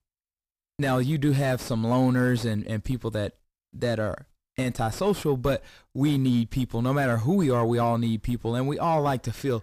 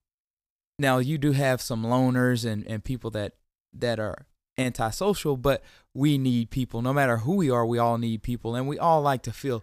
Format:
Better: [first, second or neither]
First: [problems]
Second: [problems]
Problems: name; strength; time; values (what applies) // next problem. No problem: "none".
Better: second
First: distortion; slight; 10 dB below the speech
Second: none